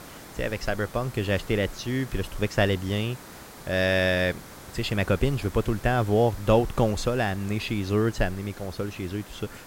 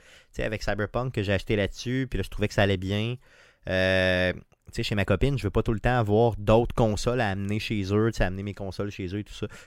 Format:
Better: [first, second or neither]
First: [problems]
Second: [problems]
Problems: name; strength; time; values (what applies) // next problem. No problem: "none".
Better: second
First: hiss; noticeable; throughout; 15 dB below the speech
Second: none